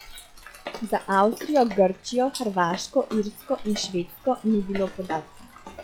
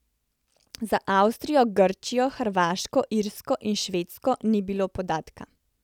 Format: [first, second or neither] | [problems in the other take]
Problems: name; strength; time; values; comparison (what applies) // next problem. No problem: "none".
second | noise reduction (classical method log-MMSE)